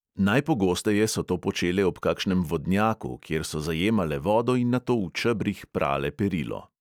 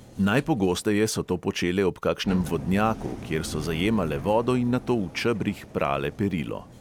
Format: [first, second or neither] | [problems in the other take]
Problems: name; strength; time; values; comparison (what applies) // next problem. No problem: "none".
first | background sound (Engine); 15 dB below the speech